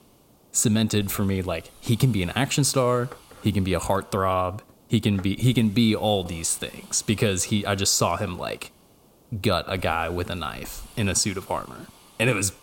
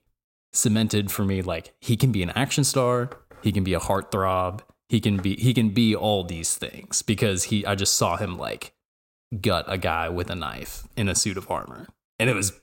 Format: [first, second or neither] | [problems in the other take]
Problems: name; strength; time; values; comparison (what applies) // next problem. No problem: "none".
second | hiss; faint; throughout; 25 dB below the speech